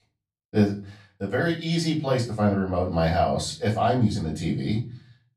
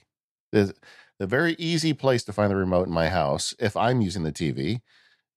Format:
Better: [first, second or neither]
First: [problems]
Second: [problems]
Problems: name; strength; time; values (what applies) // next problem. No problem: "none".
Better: second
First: off-mic speech; far // room echo; slight; dies away in 0.3 s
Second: none